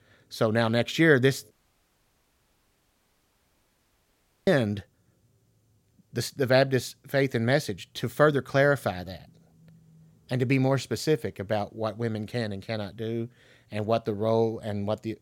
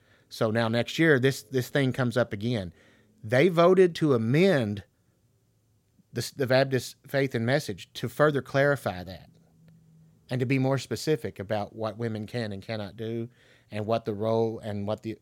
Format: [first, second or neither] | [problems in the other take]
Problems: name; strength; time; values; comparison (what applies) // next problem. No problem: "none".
second | audio cutting out; at 1.5 s for 3 s